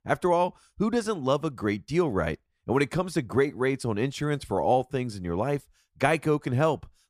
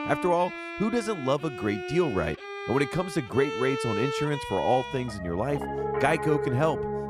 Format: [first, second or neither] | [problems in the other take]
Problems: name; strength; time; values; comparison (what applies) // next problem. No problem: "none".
first | background music; loud; throughout; 6 dB below the speech